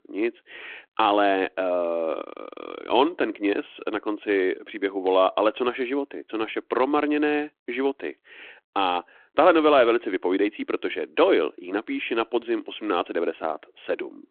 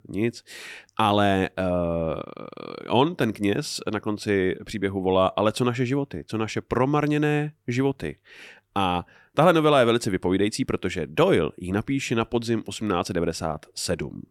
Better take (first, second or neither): second